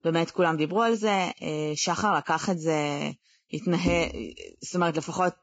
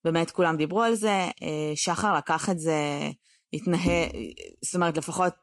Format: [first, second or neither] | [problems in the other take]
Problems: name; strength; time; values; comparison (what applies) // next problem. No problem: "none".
second | garbled, watery; badly; nothing above 7.5 kHz; slightly in the second